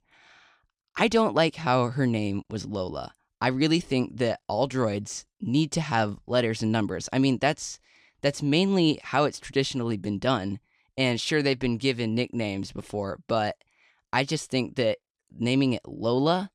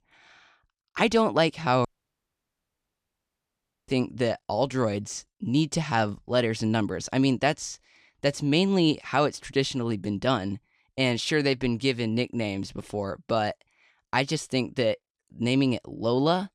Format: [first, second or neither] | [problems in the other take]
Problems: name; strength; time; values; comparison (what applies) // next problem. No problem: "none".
first | audio cutting out; at 2 s for 2 s